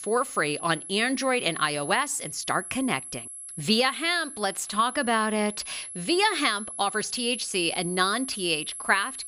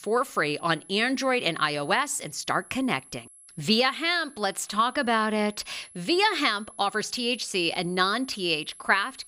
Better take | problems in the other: second | high-pitched whine; loud; throughout; 11 kHz, 10 dB below the speech; faint in the second

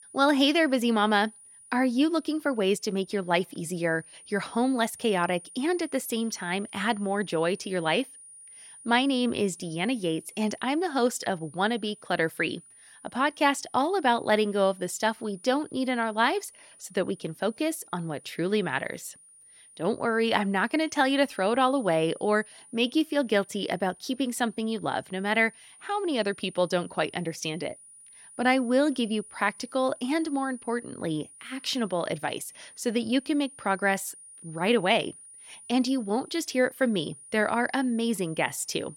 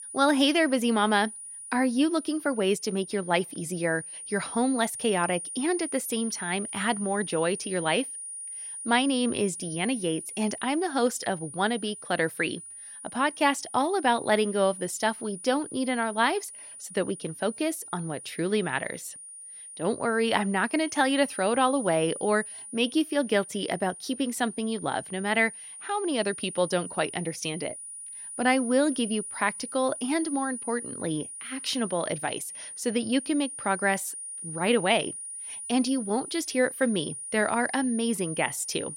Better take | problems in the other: first | high-pitched whine; loud; throughout; 9.5 kHz, 10 dB below the speech; faint in the first

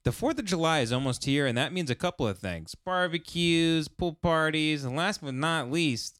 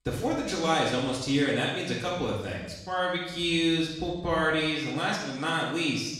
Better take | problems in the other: first | room echo; noticeable; dies away in 0.9 s // off-mic speech; far

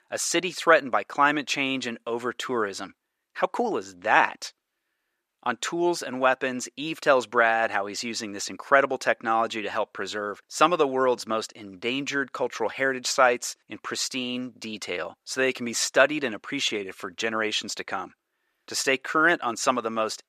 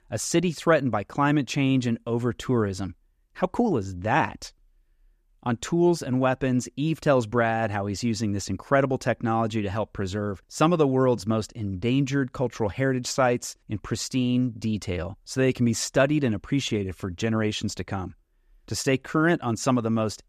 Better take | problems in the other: second | thin; somewhat; fading below 450 Hz

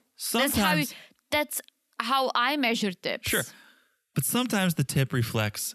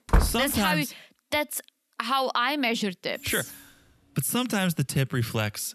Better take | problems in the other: first | door banging; loud; at the start; peak 1 dB above the speech // jangling keys; faint; from 3 to 4 s; peak 20 dB below the speech

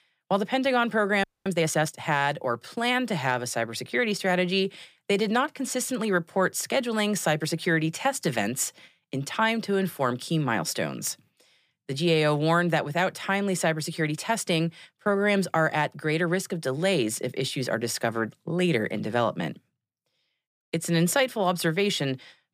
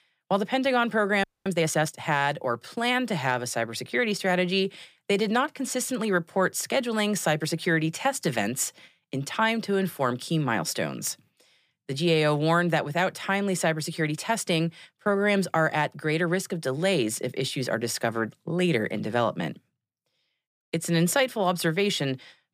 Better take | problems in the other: neither | audio freezing; at 1 s; the same in both

